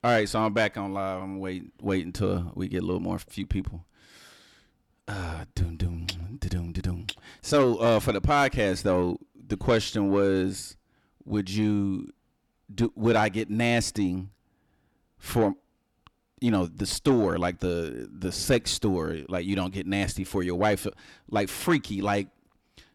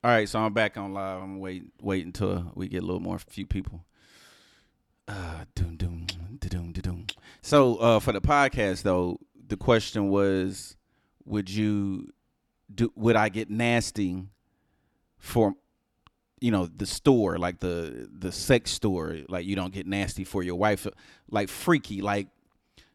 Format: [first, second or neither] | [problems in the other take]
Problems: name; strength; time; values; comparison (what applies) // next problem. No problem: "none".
second | distortion; slight; 10 dB below the speech